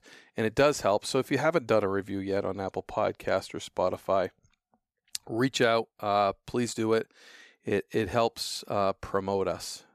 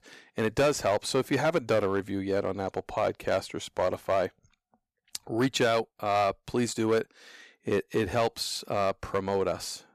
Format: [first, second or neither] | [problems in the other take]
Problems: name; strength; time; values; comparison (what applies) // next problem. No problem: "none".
first | distortion; slight; 4% of the sound clipped